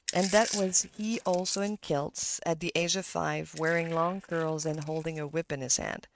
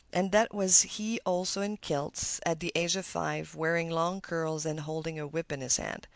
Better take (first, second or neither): second